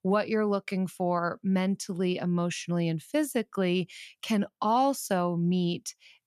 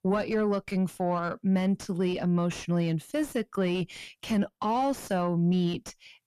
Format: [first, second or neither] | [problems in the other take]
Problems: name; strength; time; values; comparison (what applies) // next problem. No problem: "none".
first | distortion; slight; 10 dB below the speech